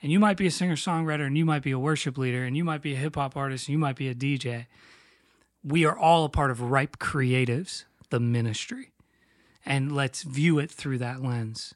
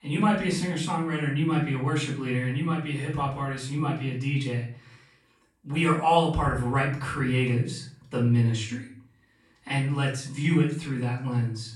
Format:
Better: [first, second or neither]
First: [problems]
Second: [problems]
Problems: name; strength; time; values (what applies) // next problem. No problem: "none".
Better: first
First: none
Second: off-mic speech; far // room echo; noticeable; dies away in 0.4 s